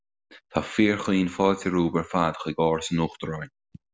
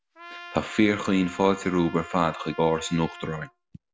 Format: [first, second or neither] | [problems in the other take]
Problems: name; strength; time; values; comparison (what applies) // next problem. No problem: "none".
first | background sound (Trumpet); 17 dB below the speech